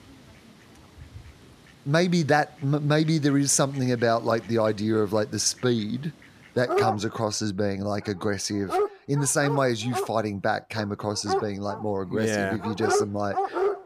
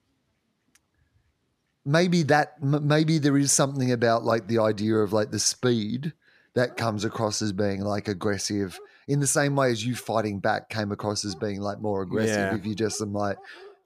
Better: second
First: animal sounds; loud; throughout; 4 dB below the speech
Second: animal sounds; faint; throughout; 30 dB below the speech

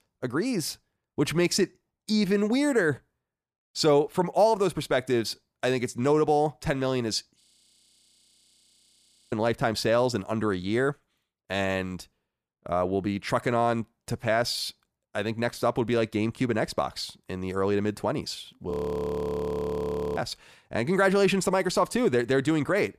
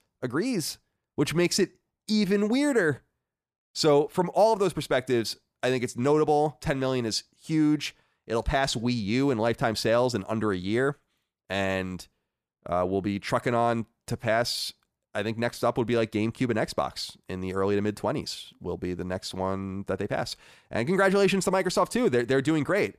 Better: second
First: audio freezing; at 7.5 s for 2 s and at 19 s for 1.5 s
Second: none

